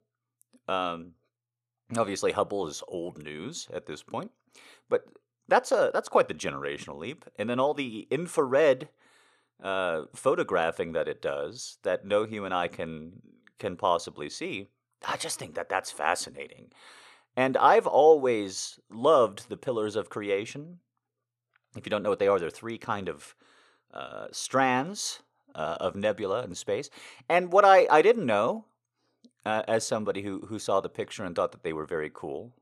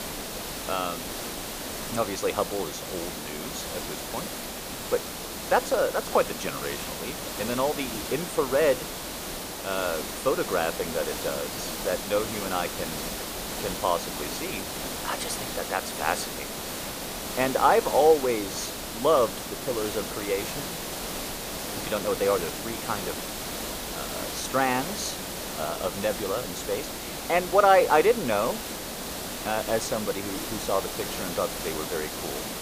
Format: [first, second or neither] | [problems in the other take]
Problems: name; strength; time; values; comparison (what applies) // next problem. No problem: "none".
first | hiss; loud; throughout; 5 dB below the speech